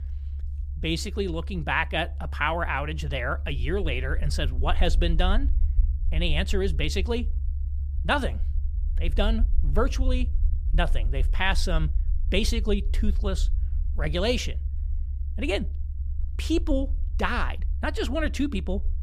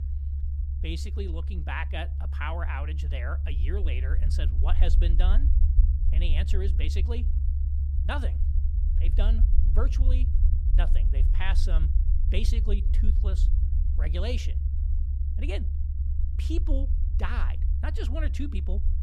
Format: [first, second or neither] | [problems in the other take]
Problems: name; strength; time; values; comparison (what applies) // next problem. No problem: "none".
first | low rumble; loud; throughout; 8 dB below the speech; faint in the first